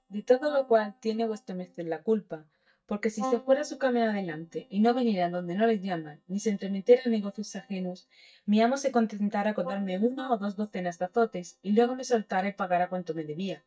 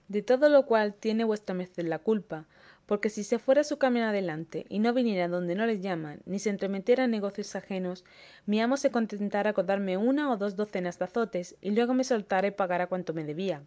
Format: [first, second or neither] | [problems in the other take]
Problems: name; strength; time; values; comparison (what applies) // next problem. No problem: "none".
second | noise reduction (neural mask model DeepFilterNet 3)